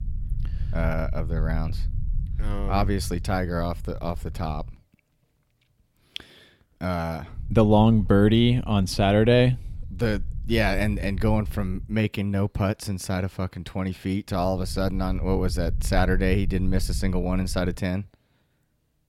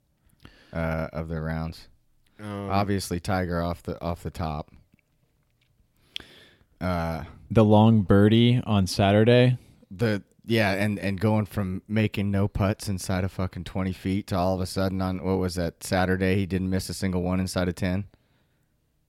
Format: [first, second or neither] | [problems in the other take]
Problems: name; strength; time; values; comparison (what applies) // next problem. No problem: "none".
second | low rumble; faint; until 4.5 s, from 7.5 to 12 s and from 14 to 18 s; 25 dB below the speech